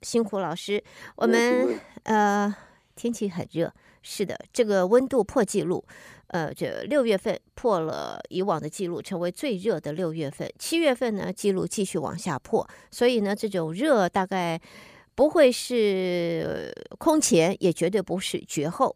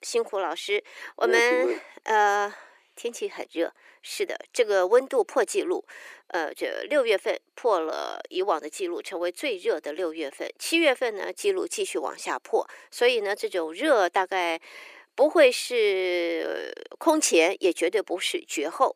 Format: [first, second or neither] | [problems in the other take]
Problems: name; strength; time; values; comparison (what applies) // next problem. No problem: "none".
first | thin; very; fading below 350 Hz